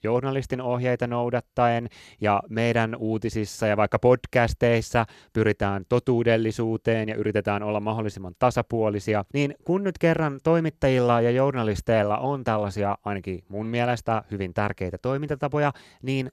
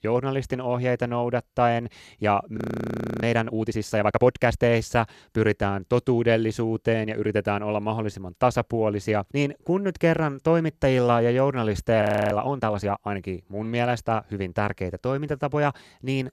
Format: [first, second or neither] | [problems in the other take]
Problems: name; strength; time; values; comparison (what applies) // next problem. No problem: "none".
first | audio freezing; at 2.5 s for 0.5 s and at 12 s